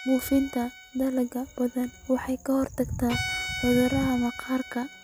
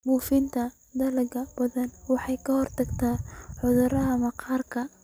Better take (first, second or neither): second